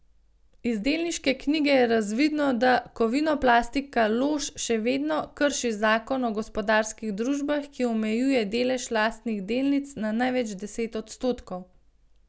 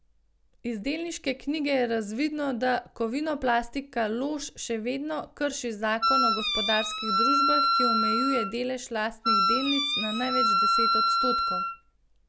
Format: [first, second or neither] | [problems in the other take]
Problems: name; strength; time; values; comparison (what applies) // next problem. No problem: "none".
first | background sound (Wind instrument, woodwind instrument); 5 dB above the speech